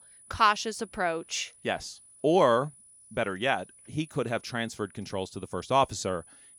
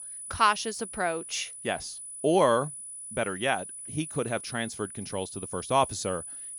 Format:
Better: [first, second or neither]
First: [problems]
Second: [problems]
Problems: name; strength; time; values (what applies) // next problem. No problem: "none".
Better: first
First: high-pitched whine; faint; throughout; 10 kHz, 25 dB below the speech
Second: high-pitched whine; loud; throughout; 10 kHz, 9 dB below the speech